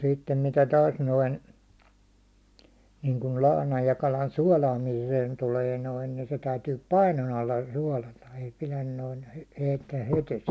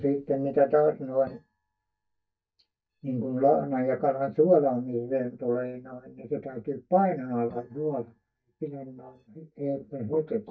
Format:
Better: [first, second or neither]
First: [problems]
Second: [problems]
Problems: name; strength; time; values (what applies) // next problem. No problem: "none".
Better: first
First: none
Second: noise reduction (neural mask model DeepFilterNet 3)